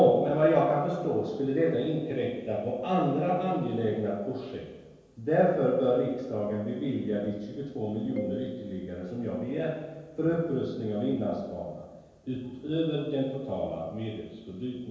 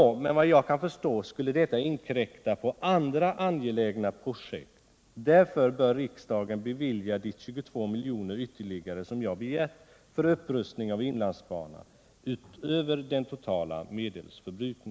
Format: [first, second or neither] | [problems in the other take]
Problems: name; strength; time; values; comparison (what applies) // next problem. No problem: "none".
second | background sound (Marimba, xylophone); 15 dB below the speech // room echo; dies away in 1.2 s